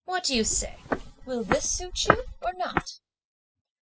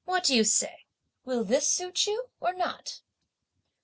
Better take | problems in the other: second | noise reduction (classical method spectral subtraction)

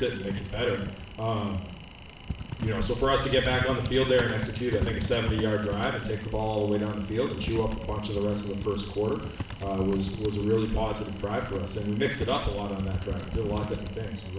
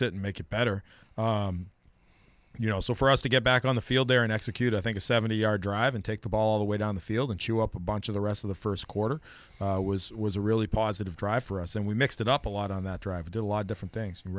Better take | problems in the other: second | background sound (Typing); 9 dB below the speech // room echo; dies away in 0.7 s

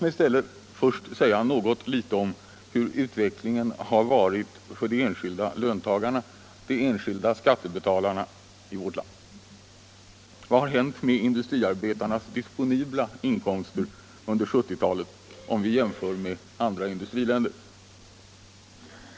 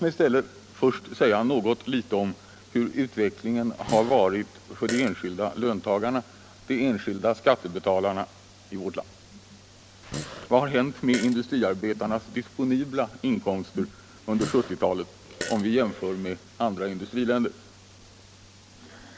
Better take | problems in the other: first | background sound (Fart); 13 dB below the speech

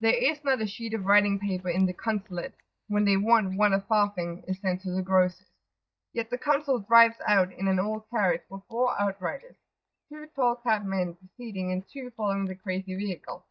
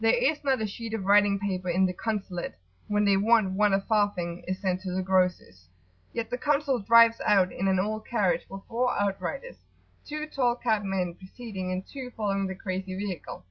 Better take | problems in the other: second | noise reduction (neural mask model DeepFilterNet 3)

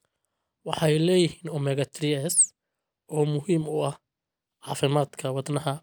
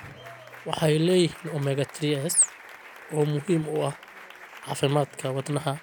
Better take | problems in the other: first | background sound (Applause); 18 dB below the speech

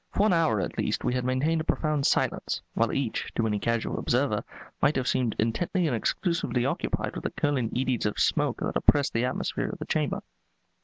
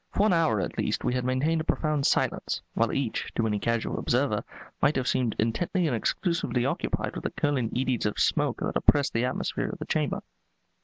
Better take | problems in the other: first | noise reduction (neural mask model Resemble Enhance denoiser)

